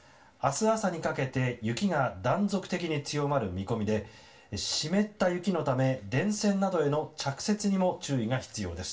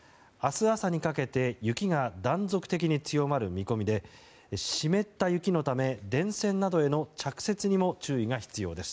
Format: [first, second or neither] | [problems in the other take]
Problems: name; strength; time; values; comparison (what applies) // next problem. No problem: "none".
second | room echo; dies away in 0.2 s